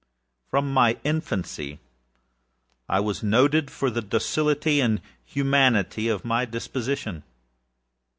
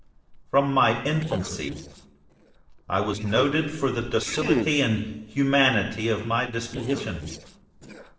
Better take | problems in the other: first | noise reduction (neural separator model SepFormer DNS4)

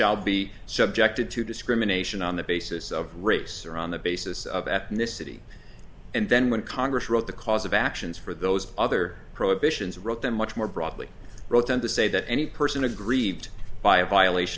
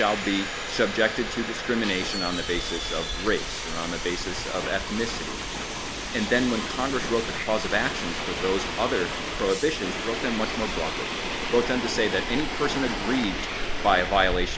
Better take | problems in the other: first | background sound (Subway, metro, underground); 4 dB below the speech

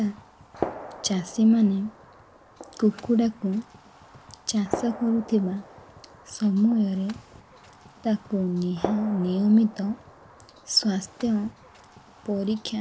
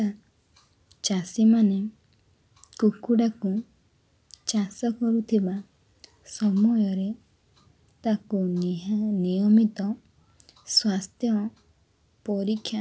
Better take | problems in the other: second | background sound (Gunshot, gunfire); 14 dB below the speech

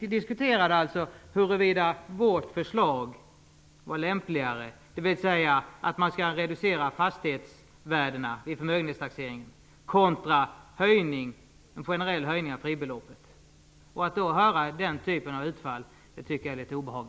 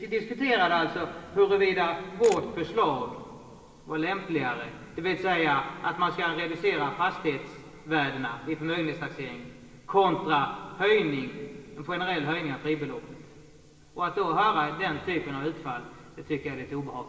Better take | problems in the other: first | background sound (Camera); 18 dB below the speech // room echo; dies away in 2.7 s

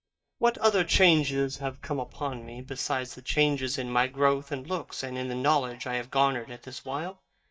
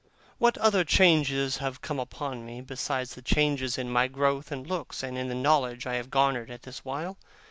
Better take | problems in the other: second | noise reduction (neural mask model DeepFilterNet 3)

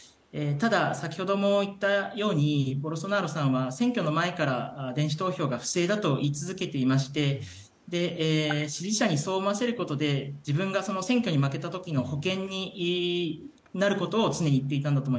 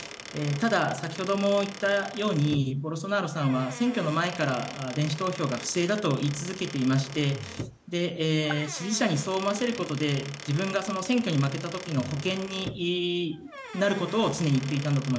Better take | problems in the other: first | background sound (Squeak / Wood); 14 dB below the speech

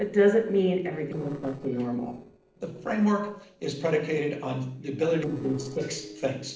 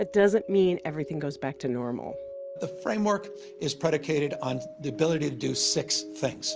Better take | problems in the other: second | noise reduction (neural separator model SepFormer DNS4)

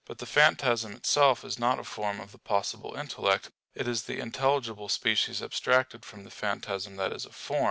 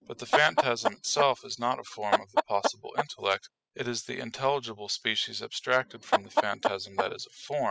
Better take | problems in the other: first | noise reduction (classical method spectral subtraction)

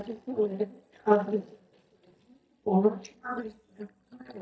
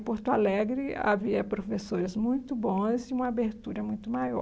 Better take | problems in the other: second | noise reduction (neural mask model DeepFilterNet 3)

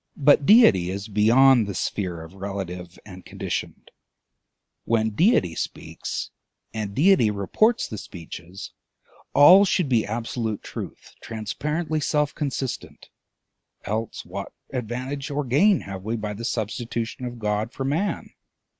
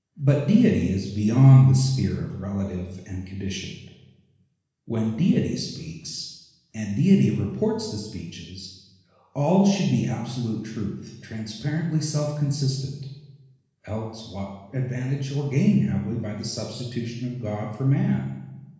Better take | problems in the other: first | room echo; dies away in 1.1 s

